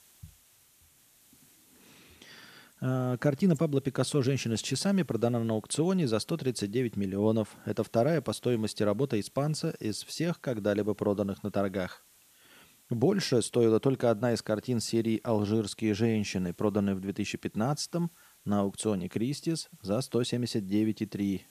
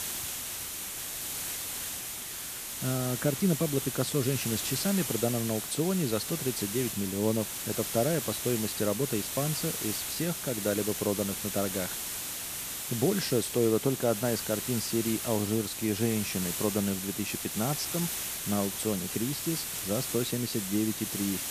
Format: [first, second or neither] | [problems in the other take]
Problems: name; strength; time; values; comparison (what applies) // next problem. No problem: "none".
first | hiss; loud; throughout; 2 dB below the speech; faint in the first